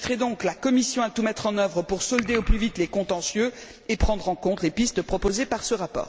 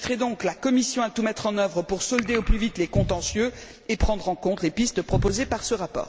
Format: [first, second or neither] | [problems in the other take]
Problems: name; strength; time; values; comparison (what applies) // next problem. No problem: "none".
first | background sound (Cupboard open or close); 5 dB below the speech